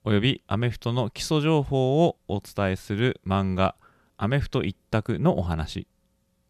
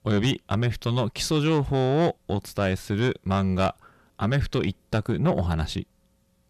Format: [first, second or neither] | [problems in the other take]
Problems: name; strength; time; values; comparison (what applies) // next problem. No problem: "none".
first | distortion; slight; 10 dB below the speech